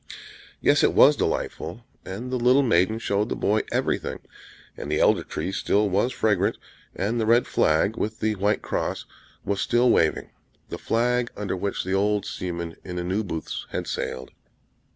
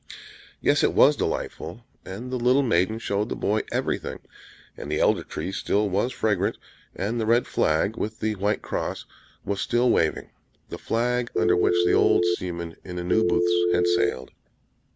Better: first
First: none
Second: background sound (Telephone); 4 dB above the speech

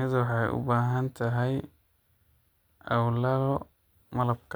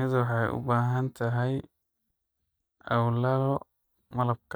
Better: first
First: none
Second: noise reduction (neural mask model DeepFilterNet 3)

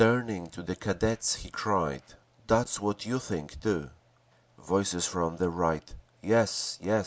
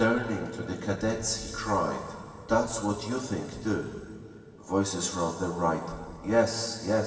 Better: first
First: none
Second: room echo; dies away in 2.5 s

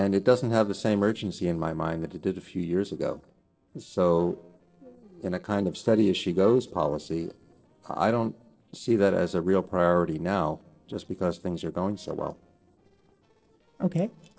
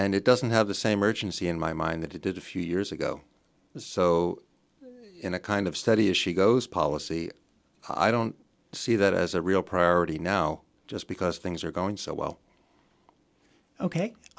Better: second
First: noise reduction (neural separator model SepFormer DNS4)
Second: none

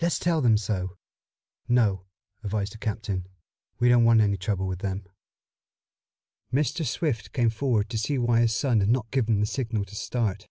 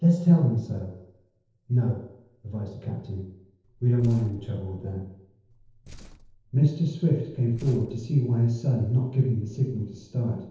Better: first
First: none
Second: noise reduction (neural separator model SepFormer DNS4)

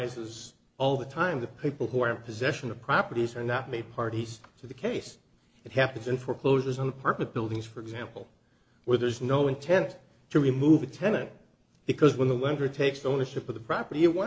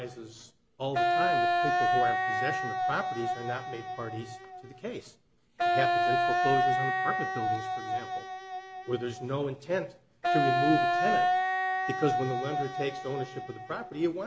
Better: first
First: none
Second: background sound (Wind instrument, woodwind instrument); 5 dB above the speech

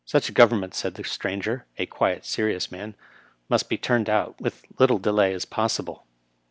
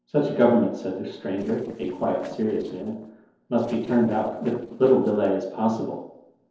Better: first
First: none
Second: noise reduction (neural separator model SepFormer DNS4)

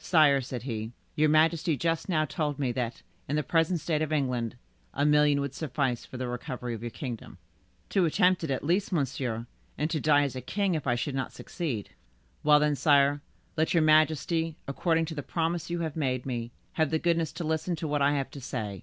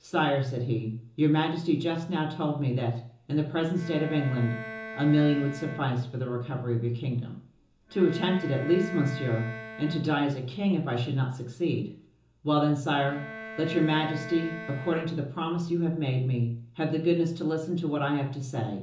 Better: first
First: none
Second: background sound (Bowed string instrument); 14 dB below the speech // room echo; dies away in 0.6 s

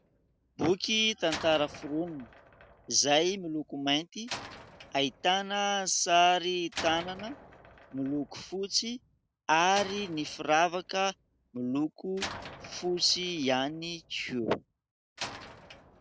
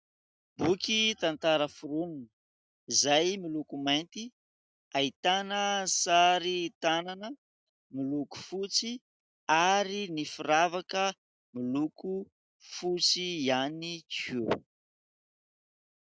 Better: second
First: background sound (Slam); 16 dB below the speech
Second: none

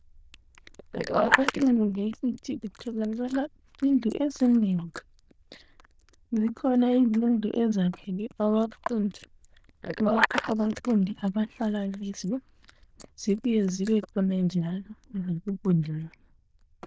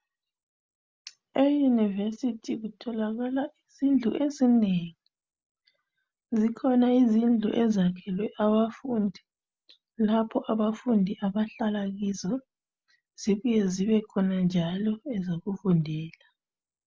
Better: second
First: noise reduction (neural diffusion model UNIVERSE++)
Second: none

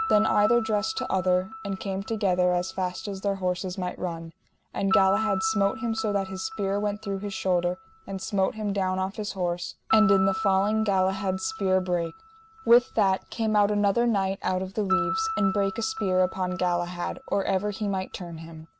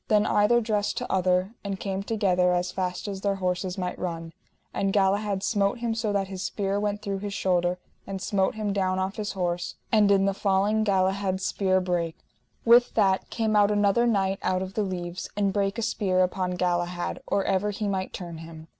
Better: second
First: background sound (Piano); 10 dB below the speech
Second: none

